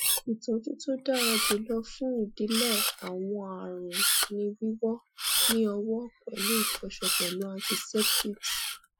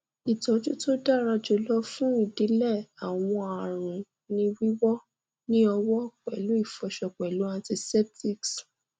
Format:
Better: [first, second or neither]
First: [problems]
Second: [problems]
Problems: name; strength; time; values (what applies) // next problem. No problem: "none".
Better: second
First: noise reduction (classical method Wiener filter)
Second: none